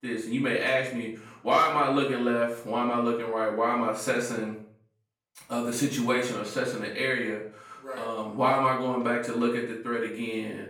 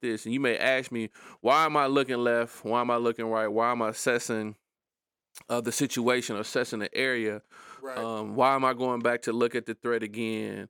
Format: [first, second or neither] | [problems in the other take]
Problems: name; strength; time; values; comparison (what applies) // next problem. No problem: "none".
second | off-mic speech; far // room echo; noticeable; dies away in 0.4 s